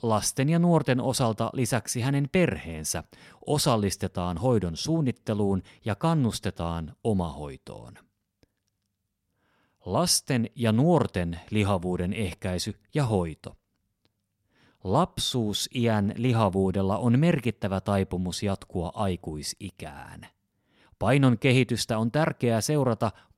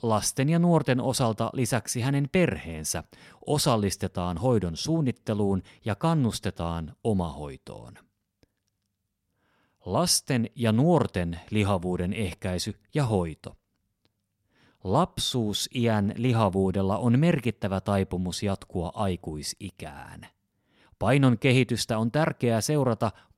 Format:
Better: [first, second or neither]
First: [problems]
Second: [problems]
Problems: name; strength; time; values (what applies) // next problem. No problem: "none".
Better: neither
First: none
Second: none